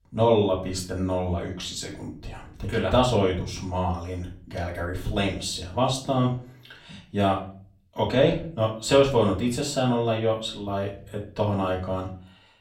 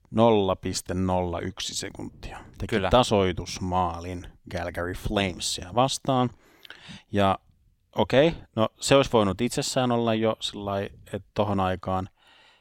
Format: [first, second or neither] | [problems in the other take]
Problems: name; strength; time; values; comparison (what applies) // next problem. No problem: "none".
second | off-mic speech; far // room echo; slight; dies away in 0.4 s